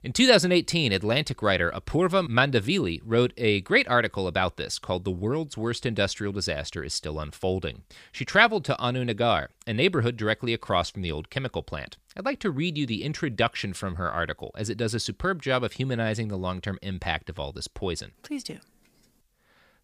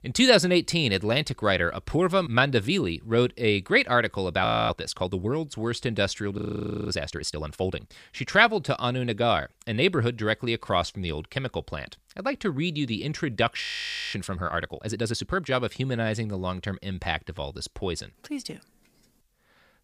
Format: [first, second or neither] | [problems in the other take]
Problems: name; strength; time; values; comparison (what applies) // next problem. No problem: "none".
first | audio freezing; at 4.5 s, at 6.5 s for 0.5 s and at 14 s for 0.5 s